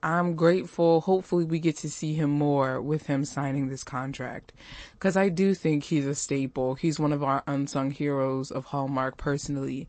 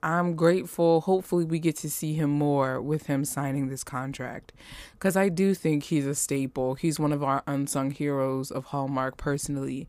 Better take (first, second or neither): second